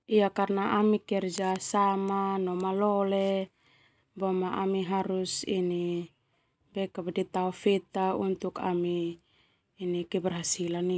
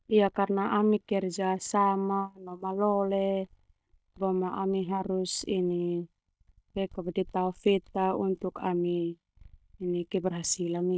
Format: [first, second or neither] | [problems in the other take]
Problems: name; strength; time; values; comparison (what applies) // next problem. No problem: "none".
first | noise reduction (neural mask model DeepFilterNet 3)